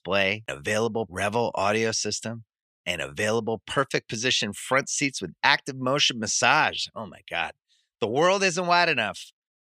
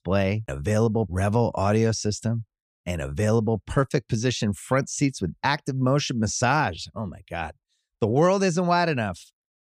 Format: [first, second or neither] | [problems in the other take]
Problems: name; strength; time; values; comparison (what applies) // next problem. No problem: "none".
second | thin; somewhat; fading below 1 kHz